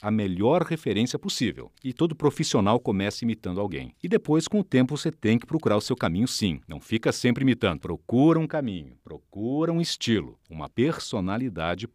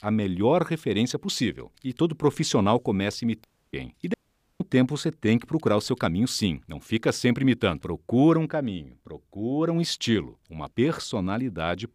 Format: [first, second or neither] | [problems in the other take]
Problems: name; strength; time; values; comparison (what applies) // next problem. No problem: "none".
first | audio cutting out; at 3.5 s and at 4 s